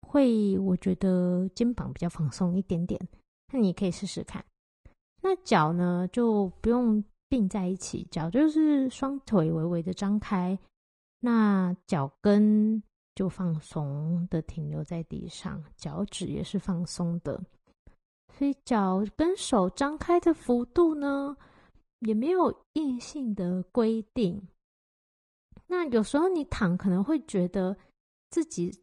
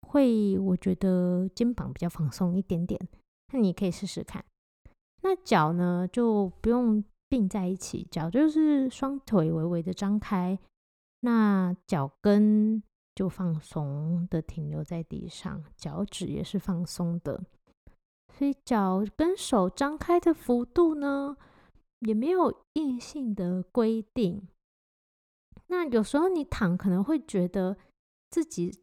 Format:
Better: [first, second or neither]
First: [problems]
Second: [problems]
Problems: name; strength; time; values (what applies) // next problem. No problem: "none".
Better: second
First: garbled, watery; slightly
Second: none